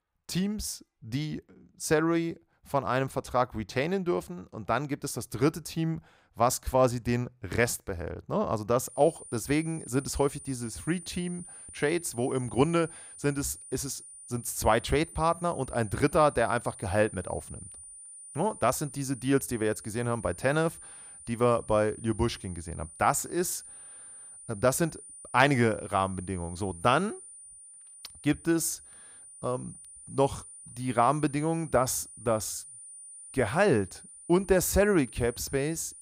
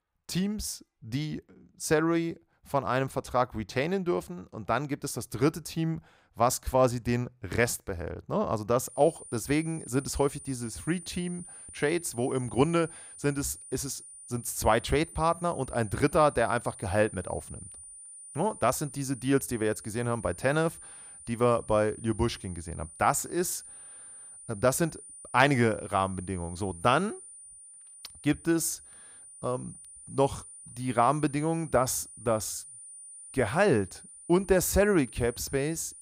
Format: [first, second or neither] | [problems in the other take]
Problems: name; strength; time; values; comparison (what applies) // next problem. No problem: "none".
neither | high-pitched whine; noticeable; from 9 s on; 9.5 kHz, 15 dB below the speech; the same in both